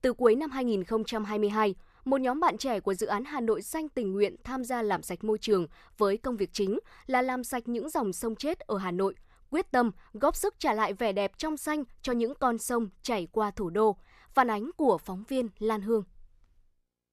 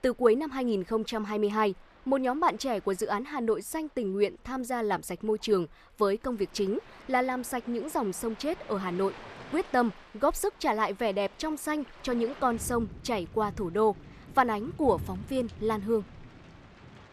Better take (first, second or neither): first